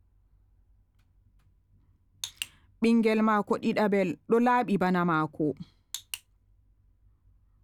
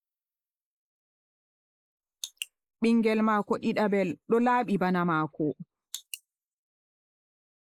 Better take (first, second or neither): first